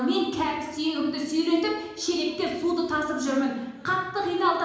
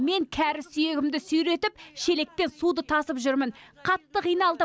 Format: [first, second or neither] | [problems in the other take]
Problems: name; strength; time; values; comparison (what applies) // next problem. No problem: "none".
second | room echo; dies away in 1 s